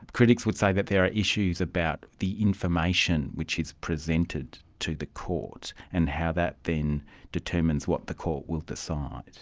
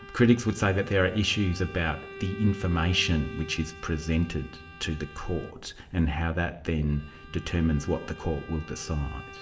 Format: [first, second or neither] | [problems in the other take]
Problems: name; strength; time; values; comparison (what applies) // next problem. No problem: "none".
first | background sound (Bowed string instrument); 17 dB below the speech // room echo; dies away in 2.2 s